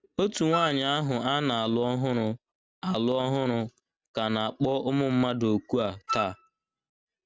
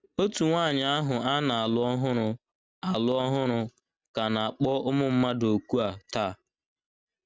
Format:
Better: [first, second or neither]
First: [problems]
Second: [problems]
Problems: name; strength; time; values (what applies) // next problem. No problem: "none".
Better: second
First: background sound (Wind instrument, woodwind instrument); 8 dB below the speech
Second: none